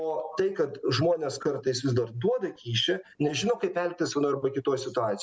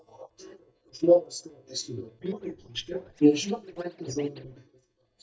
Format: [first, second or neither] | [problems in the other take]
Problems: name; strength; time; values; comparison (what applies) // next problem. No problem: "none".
first | noise reduction (neural mask model DeepFilterNet 3)